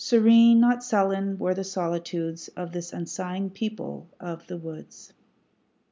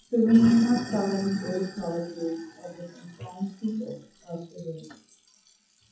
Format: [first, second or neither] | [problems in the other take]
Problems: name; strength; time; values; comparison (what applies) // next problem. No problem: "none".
first | noise reduction (classical method WPE with log-MMSE)